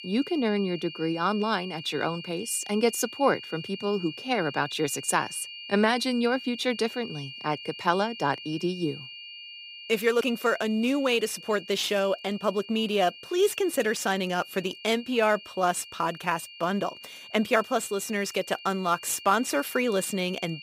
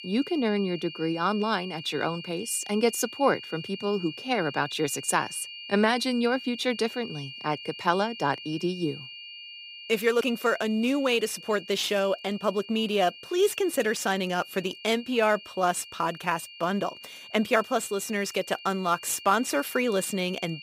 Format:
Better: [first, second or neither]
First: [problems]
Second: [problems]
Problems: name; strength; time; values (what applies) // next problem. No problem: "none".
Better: neither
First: high-pitched whine; noticeable; throughout; 3 kHz, 15 dB below the speech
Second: high-pitched whine; noticeable; throughout; 3 kHz, 15 dB below the speech